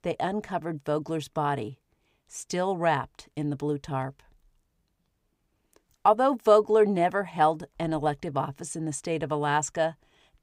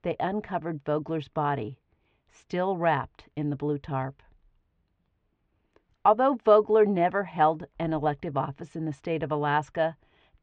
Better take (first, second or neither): first